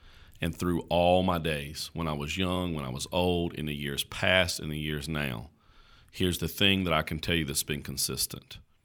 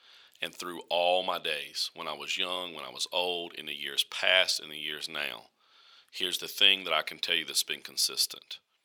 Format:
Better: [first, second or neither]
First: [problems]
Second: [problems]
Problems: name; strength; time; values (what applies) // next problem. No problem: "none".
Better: first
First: none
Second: thin; very; fading below 550 Hz